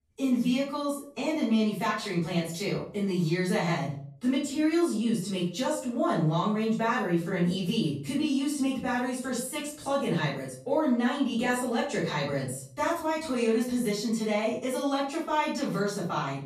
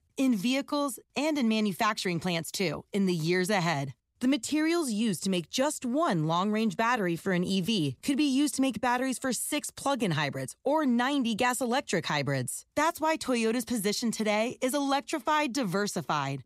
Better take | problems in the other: second | off-mic speech; far // room echo; noticeable; dies away in 0.4 s

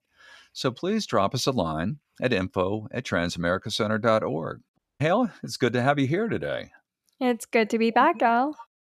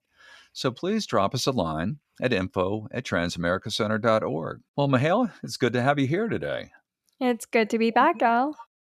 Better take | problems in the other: second | audio cutting out; at 5 s

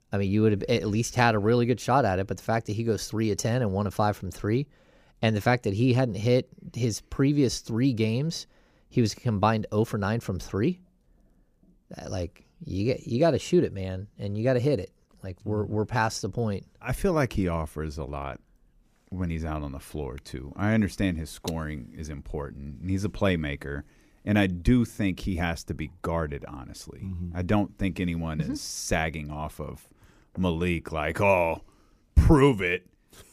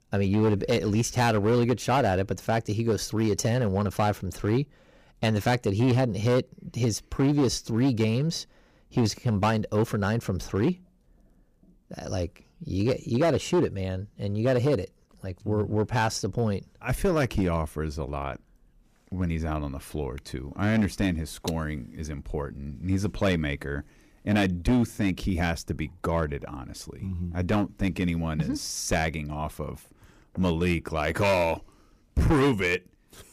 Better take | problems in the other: first | distortion; slight; 6% of the sound clipped

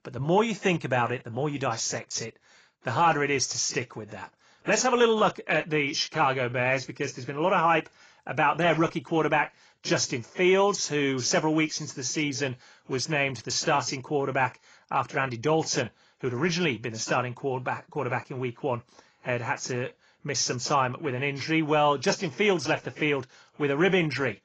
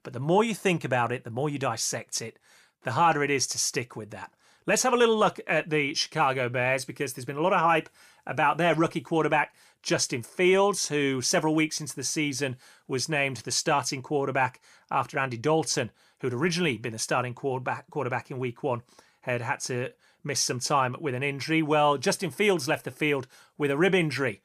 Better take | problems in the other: second | garbled, watery; badly

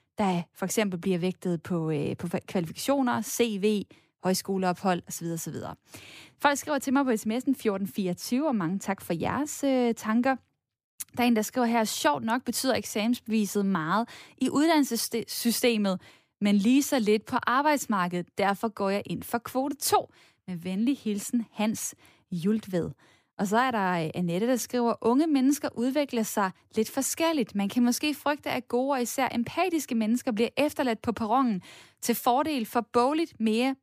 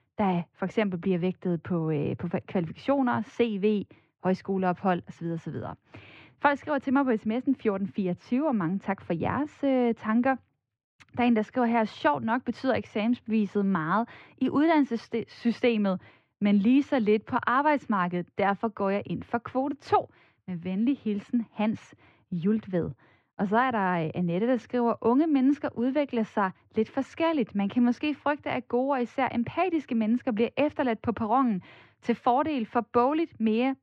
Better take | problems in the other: first | muffled; very; fading above 2.5 kHz

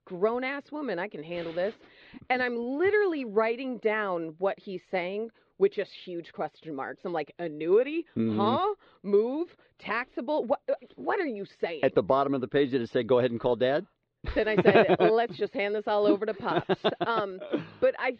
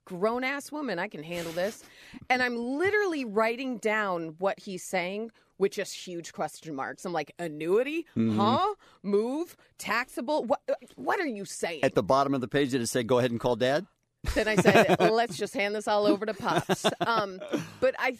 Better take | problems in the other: second | muffled; slightly; fading above 4 kHz

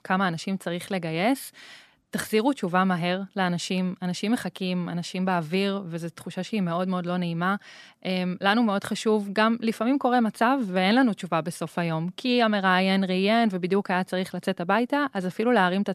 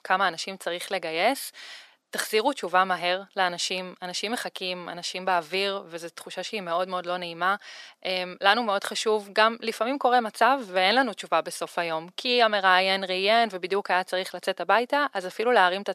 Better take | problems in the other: first | thin; somewhat; fading below 550 Hz

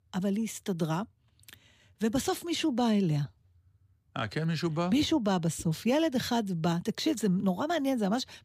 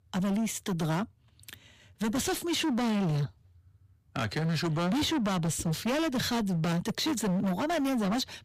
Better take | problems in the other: first | distortion; heavy; 27% of the sound clipped

